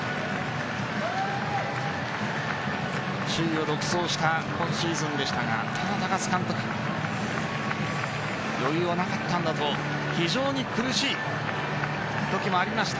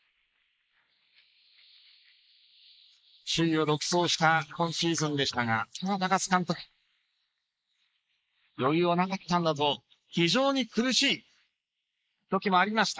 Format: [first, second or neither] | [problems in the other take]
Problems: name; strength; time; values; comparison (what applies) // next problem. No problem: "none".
first | noise reduction (neural mask model Resemble Enhance denoiser)